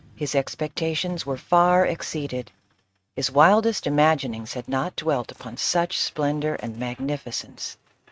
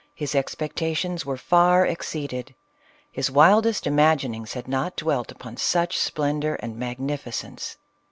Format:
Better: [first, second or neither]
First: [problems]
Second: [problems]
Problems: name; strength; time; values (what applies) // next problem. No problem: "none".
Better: second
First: noise reduction (neural mask model RNNoise)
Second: none